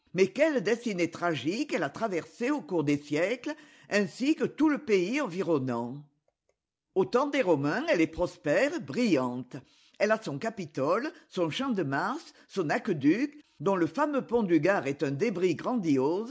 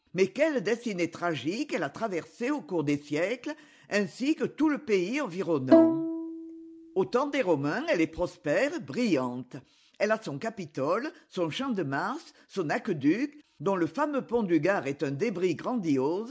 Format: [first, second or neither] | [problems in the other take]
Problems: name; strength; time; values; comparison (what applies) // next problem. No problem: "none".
first | background sound (Bowed string instrument); 3 dB above the speech